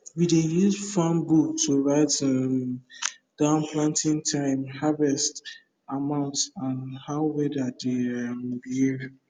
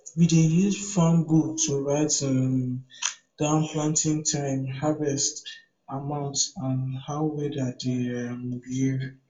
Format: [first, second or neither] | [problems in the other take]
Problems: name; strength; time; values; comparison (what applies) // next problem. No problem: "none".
first | room echo; dies away in 0.2 s